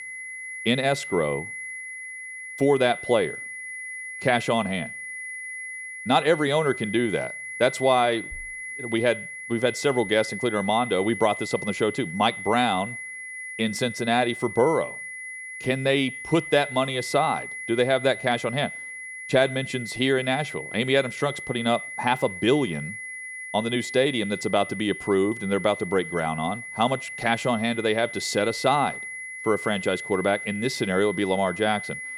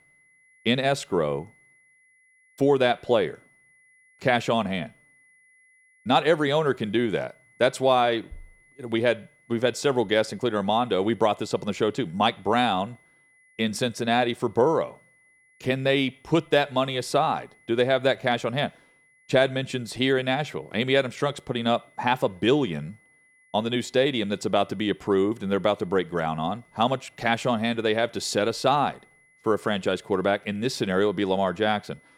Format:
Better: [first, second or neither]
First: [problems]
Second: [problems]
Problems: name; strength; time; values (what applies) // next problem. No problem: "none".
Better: second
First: high-pitched whine; loud; throughout; 2 kHz, 9 dB below the speech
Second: high-pitched whine; faint; throughout; 2 kHz, 35 dB below the speech